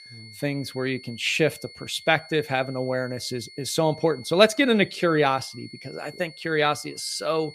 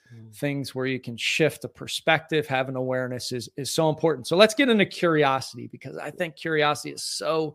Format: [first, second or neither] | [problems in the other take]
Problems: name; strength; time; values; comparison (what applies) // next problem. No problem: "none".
second | high-pitched whine; noticeable; throughout; 4.5 kHz, 20 dB below the speech